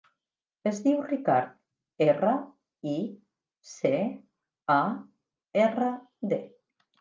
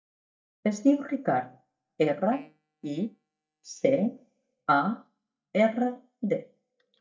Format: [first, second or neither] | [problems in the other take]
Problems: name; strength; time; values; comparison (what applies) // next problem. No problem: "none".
first | noise reduction (neural mask model DeepFilterNet 3)